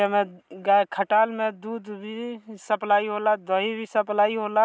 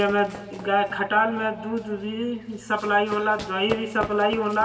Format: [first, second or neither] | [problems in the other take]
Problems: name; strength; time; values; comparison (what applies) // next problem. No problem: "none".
first | background sound (Run); 16 dB below the speech // room echo; dies away in 1.8 s